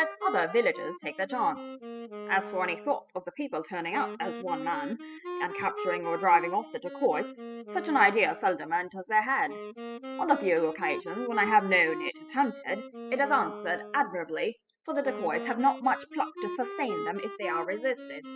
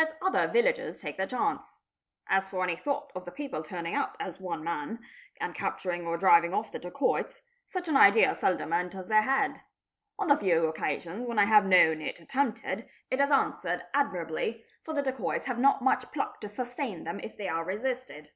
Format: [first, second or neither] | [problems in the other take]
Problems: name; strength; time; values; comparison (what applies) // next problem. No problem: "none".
second | noise reduction (classical method spectral subtraction)